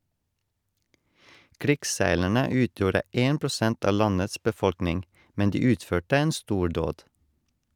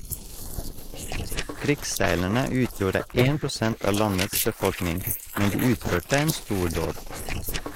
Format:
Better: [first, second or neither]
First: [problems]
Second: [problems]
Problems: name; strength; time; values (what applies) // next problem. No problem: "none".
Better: first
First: none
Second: noise reduction (neural mask model Resemble Enhance denoiser)